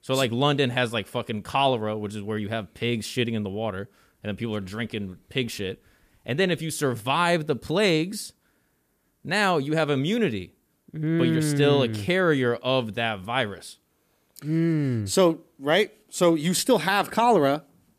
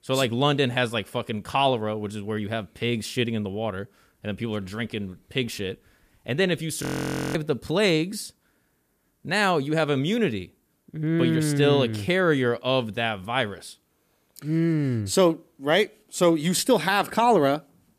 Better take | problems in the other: first | audio freezing; at 7 s for 0.5 s

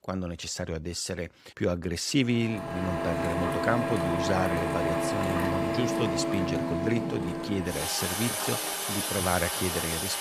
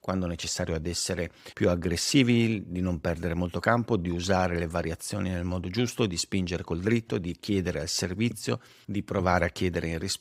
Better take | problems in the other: second | household noises; very loud; from 2.5 s on; 1 dB above the speech

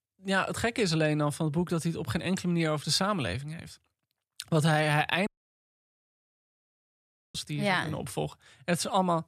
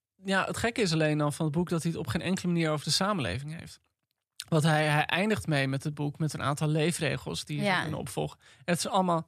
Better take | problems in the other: second | audio cutting out; at 5.5 s for 2 s

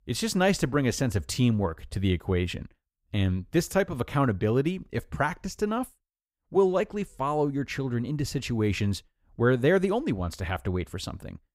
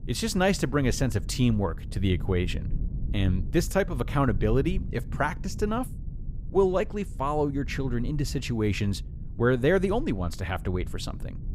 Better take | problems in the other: first | low rumble; faint; throughout; 20 dB below the speech

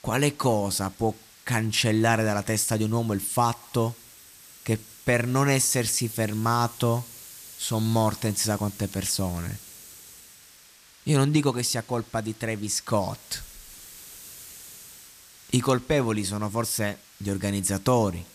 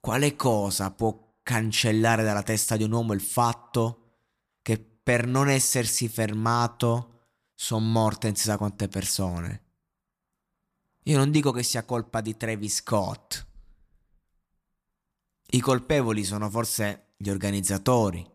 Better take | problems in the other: second | hiss; noticeable; throughout; 20 dB below the speech

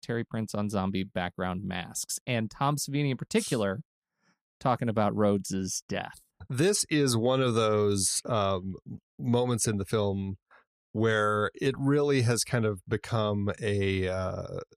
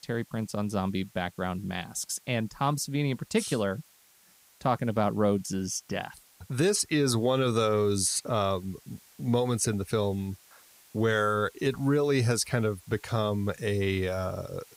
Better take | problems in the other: first | hiss; faint; throughout; 25 dB below the speech

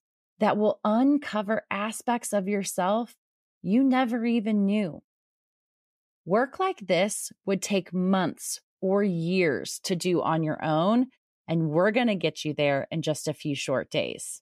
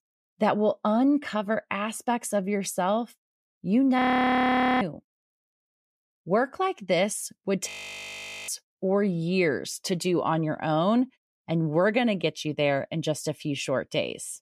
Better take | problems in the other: first | audio freezing; at 4 s for 1 s and at 7.5 s for 1 s

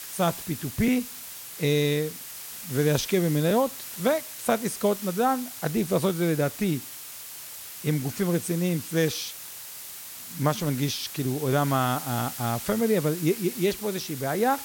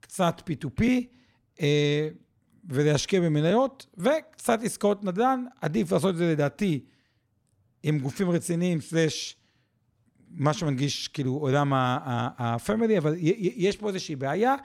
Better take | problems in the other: second | hiss; loud; throughout; 10 dB below the speech

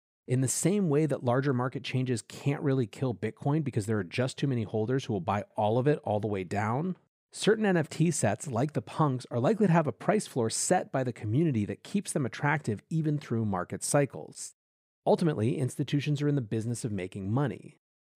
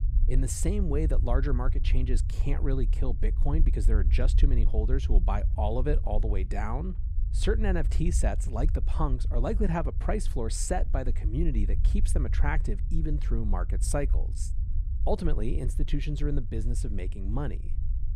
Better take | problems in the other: first | low rumble; noticeable; throughout; 15 dB below the speech

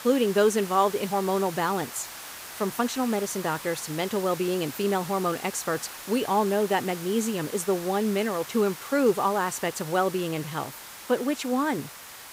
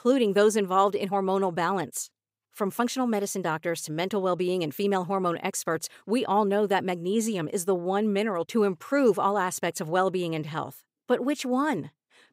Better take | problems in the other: second | hiss; noticeable; throughout; 10 dB below the speech

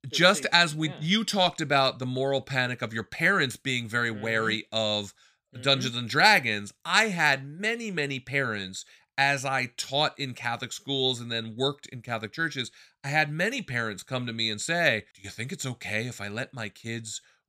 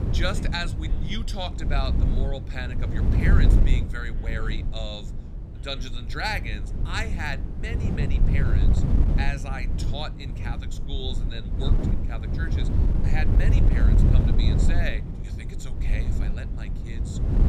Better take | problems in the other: first | wind noise on the microphone; heavy; 5 dB below the speech

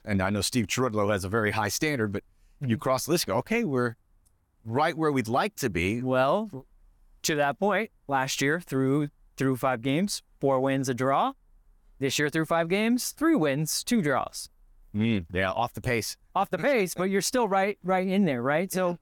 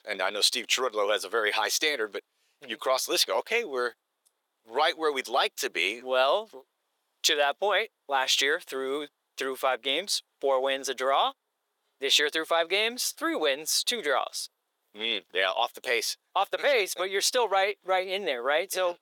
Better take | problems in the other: first | thin; very; fading below 450 Hz

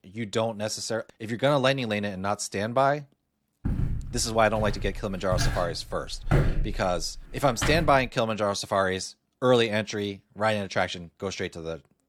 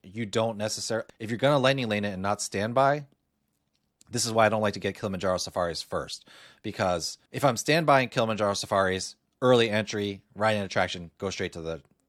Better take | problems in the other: second | footsteps; loud; from 3.5 to 8 s; peak 2 dB above the speech

